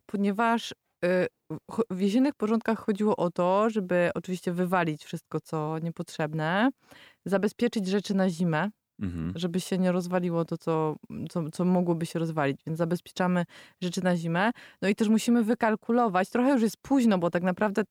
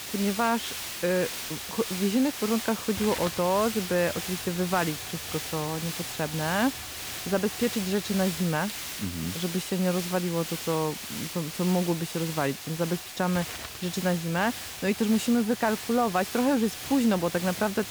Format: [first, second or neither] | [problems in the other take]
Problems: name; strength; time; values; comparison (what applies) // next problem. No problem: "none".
first | hiss; loud; throughout; 6 dB below the speech